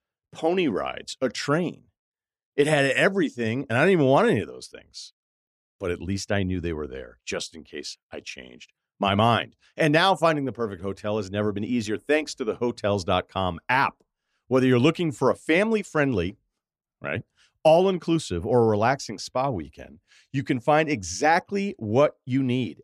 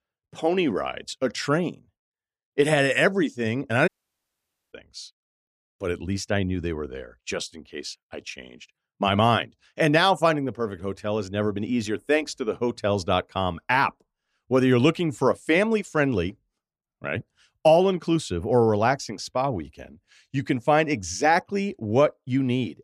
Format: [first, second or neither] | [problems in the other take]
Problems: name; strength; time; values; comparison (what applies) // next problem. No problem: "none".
first | audio cutting out; at 4 s for 1 s